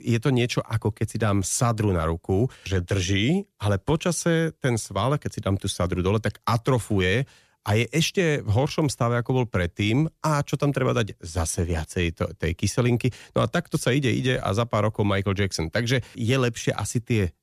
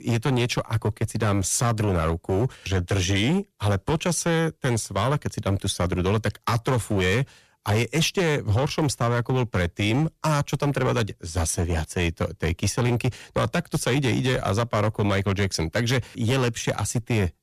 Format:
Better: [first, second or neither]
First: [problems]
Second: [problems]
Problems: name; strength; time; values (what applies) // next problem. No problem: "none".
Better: first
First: none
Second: distortion; slight; 11% of the sound clipped